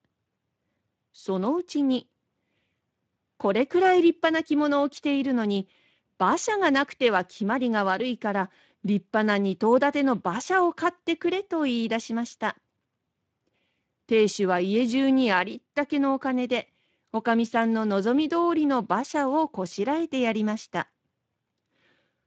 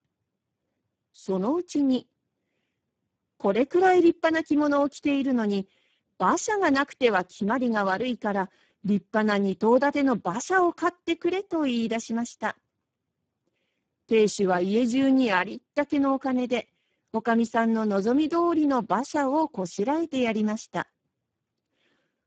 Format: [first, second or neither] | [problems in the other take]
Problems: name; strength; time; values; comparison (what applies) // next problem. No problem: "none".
first | garbled, watery; badly; nothing above 7.5 kHz; slightly in the first